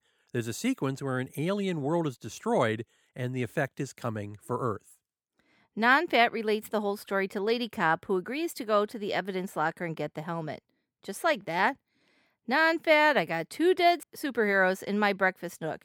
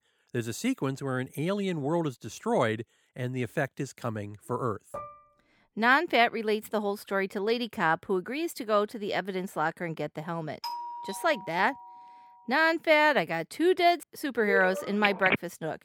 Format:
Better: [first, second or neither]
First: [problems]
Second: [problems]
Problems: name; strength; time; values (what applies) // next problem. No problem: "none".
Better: first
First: none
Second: clattering dishes; faint; at 5 s; peak 15 dB below the speech // doorbell; noticeable; from 11 to 12 s; peak 8 dB below the speech // phone ringing; loud; at 14 s; peak 1 dB above the speech